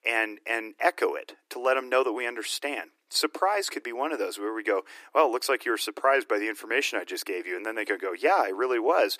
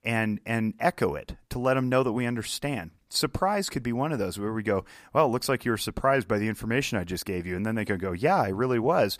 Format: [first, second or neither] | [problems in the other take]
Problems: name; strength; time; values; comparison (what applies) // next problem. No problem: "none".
second | thin; very; fading below 300 Hz